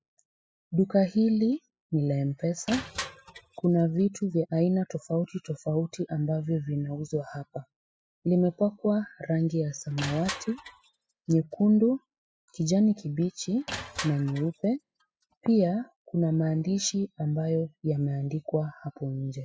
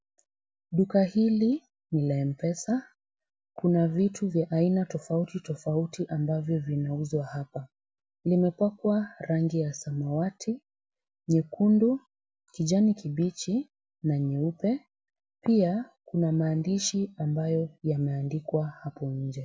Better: second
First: noise reduction (classical method spectral subtraction)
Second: none

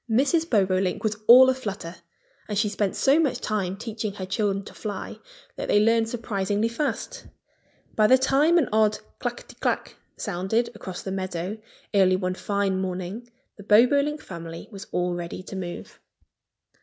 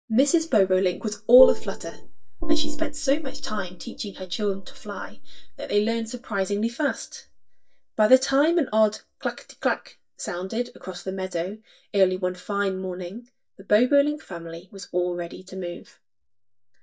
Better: first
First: none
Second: noise reduction (neural mask model DeepFilterNet 3)

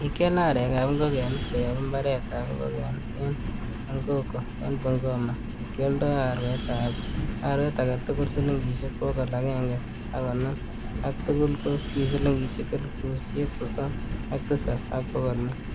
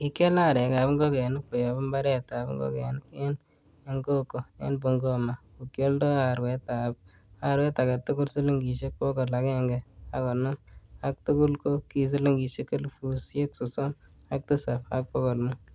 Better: second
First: background sound (Wind + Engine); 4 dB below the speech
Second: none

